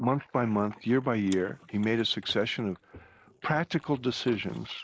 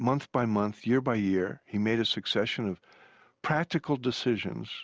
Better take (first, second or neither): second